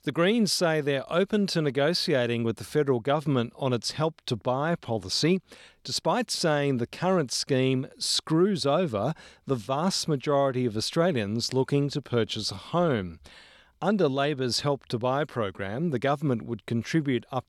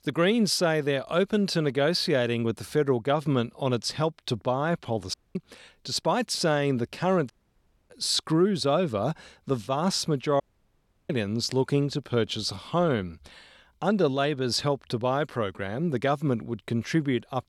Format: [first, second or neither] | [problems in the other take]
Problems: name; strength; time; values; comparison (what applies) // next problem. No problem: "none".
first | audio cutting out; at 5 s, at 7.5 s for 0.5 s and at 10 s for 0.5 s